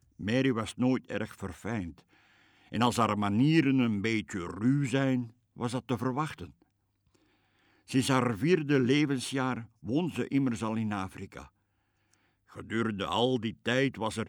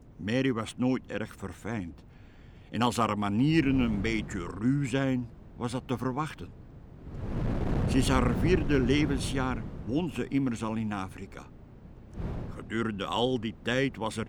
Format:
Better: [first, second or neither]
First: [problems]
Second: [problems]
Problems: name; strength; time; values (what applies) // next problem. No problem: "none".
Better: first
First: none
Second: wind noise on the microphone; heavy; 10 dB below the speech